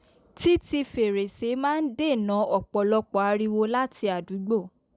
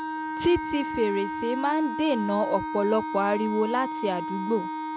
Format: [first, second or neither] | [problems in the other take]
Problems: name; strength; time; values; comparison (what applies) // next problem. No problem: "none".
first | background sound (Wind instrument, woodwind instrument); 5 dB below the speech